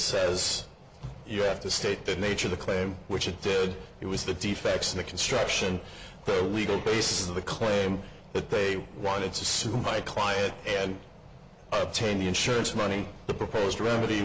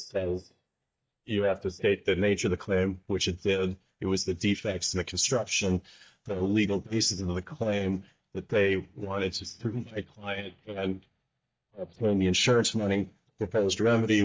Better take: first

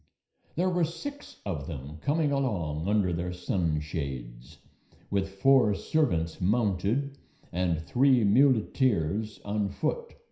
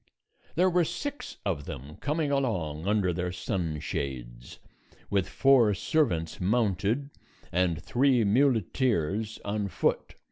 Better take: second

